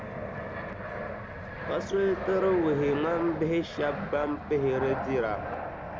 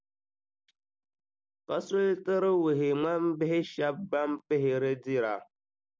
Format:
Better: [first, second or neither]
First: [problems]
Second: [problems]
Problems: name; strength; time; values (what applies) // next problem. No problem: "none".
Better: second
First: background sound (Fixed-wing aircraft, airplane); 6 dB below the speech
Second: none